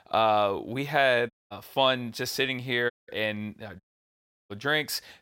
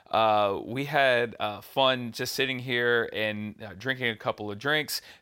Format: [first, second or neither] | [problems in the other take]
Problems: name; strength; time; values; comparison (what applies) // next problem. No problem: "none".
second | audio cutting out; at 1.5 s, at 3 s and at 4 s for 0.5 s